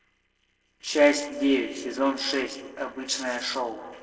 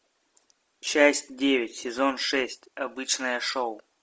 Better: second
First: noise reduction (neural separator model SepFormer DNS4)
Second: none

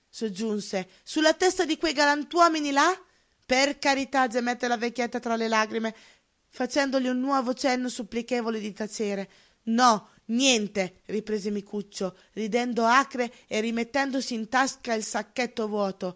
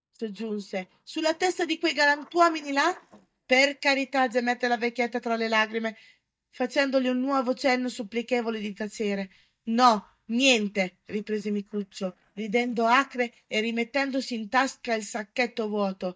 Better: first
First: none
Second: noise reduction (neural mask model DeepFilterNet 3)

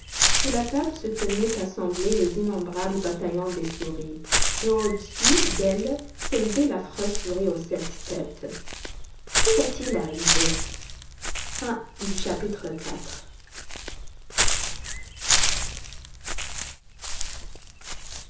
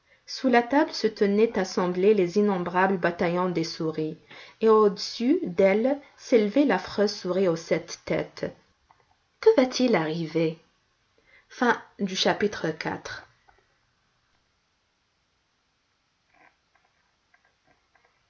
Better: second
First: background sound (Walk, footsteps / Bird); 2 dB above the speech // room echo; dies away in 0.7 s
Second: none

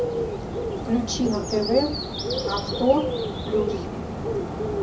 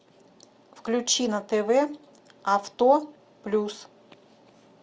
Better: second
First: background sound (Bird); 1 dB below the speech // room echo; dies away in 0.4 s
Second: none

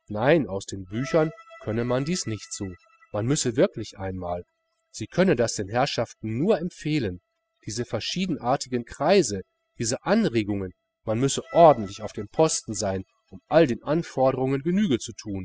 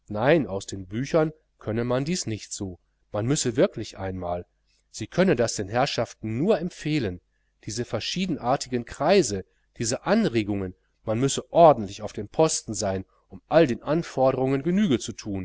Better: second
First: noise reduction (classical method spectral subtraction)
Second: none

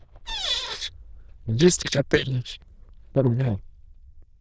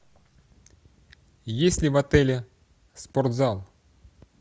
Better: second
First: noise reduction (neural diffusion model UNIVERSE++)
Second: none

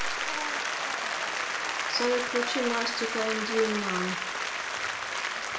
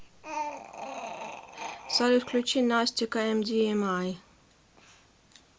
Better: second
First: background sound (Applause); 1 dB above the speech // room echo; dies away in 0.4 s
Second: none

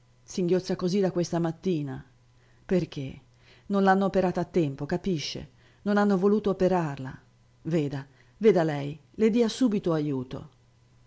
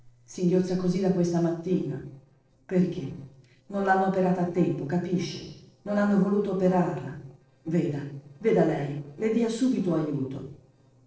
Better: first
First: none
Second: noise reduction (neural separator model SepFormer DNS4)

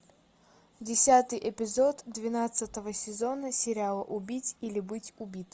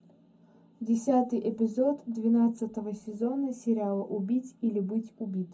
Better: first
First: none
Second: room echo; dies away in 0.4 s

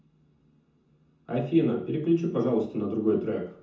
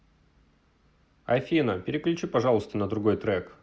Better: second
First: room echo; dies away in 0.6 s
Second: none

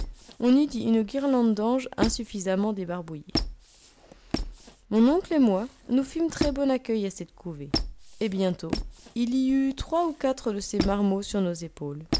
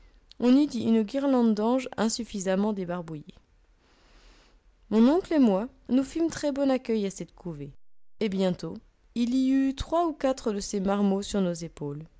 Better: second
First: background sound (Squeak); 9 dB below the speech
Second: none

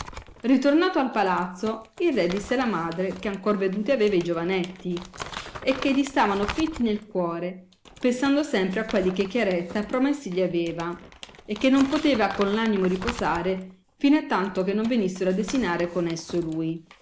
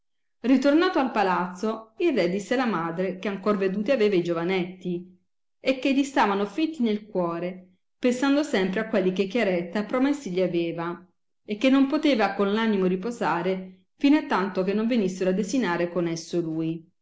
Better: second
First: background sound (Crumpling, crinkling); 16 dB below the speech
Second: none

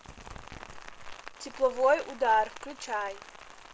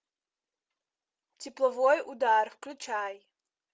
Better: second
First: background sound (Rain); 14 dB below the speech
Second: none

